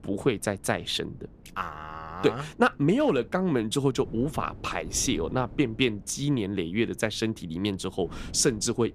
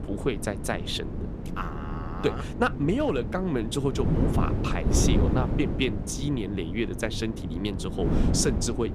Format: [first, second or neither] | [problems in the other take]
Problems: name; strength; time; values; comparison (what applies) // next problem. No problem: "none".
first | wind noise on the microphone; heavy; 6 dB below the speech; occasional gusts in the first